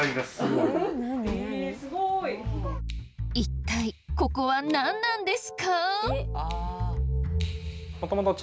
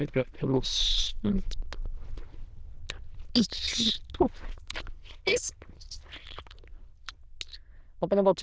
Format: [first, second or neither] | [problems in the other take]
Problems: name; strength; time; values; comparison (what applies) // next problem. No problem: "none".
first | noise reduction (neural diffusion model UNIVERSE++)